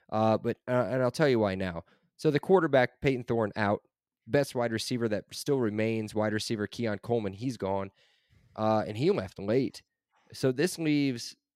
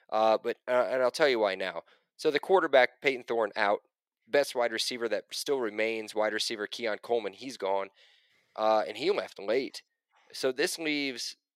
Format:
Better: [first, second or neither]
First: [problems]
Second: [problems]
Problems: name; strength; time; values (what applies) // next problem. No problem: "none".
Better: first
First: none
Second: thin; somewhat; fading below 500 Hz